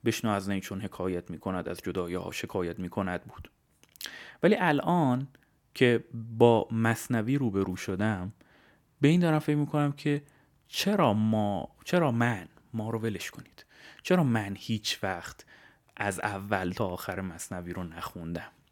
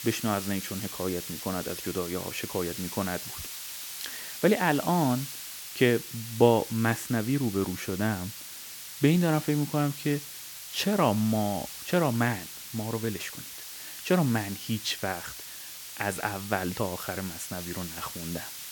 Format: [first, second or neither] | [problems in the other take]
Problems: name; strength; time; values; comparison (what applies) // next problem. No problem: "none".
first | hiss; loud; throughout; 9 dB below the speech